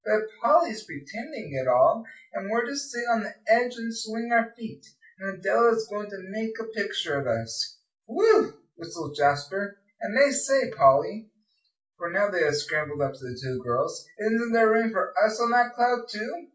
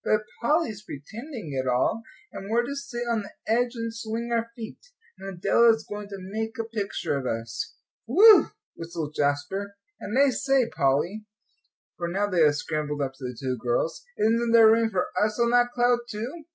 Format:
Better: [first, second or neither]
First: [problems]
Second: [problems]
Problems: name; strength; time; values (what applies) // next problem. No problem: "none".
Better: second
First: room echo; dies away in 0.2 s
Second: none